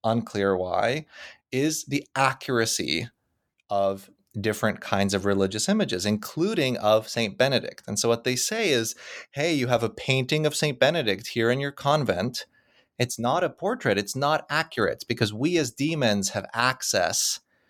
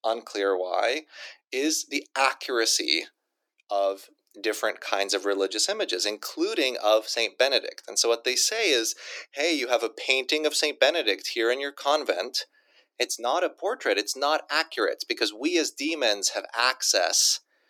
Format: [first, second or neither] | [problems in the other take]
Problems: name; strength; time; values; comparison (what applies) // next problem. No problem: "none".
first | thin; somewhat; fading below 300 Hz